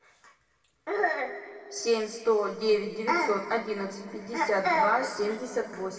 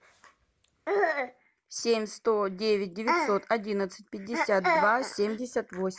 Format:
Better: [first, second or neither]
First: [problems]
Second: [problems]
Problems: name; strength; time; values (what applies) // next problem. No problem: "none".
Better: second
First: room echo; dies away in 2.2 s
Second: none